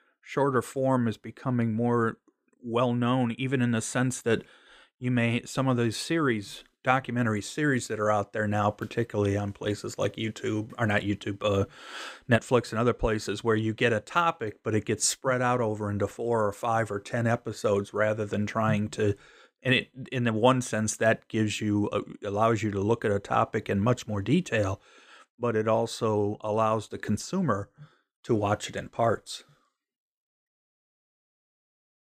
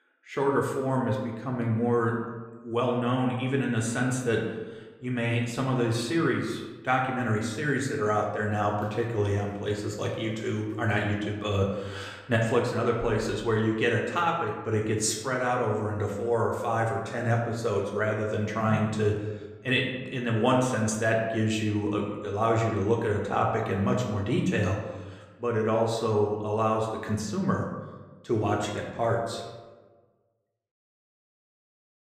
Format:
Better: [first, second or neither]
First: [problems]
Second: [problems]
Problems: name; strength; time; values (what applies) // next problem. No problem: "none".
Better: first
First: none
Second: room echo; slight; dies away in 0.9 s // off-mic speech; somewhat distant